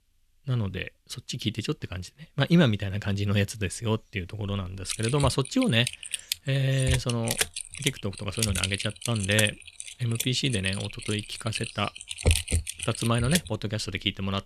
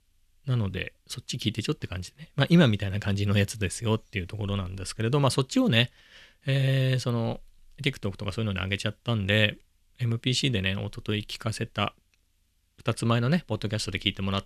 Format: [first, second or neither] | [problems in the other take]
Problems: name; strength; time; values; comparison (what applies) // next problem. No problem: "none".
second | keyboard typing; loud; from 5 to 13 s; peak 4 dB above the speech